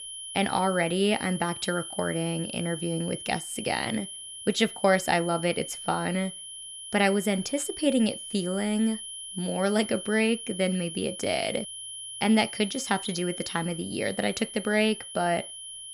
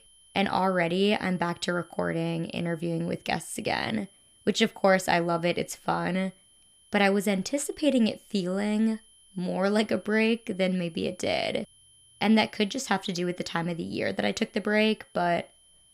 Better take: second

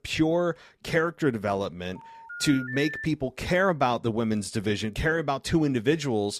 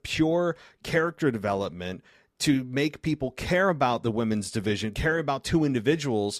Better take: second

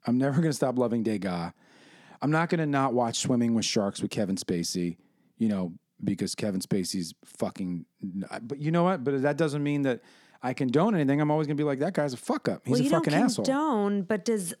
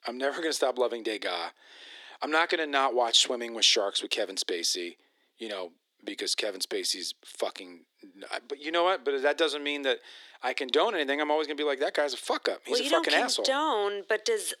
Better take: first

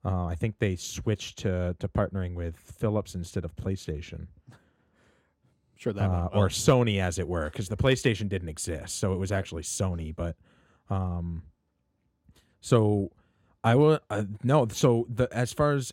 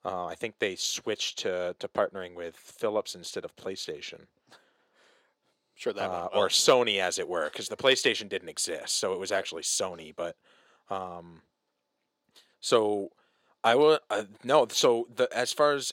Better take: first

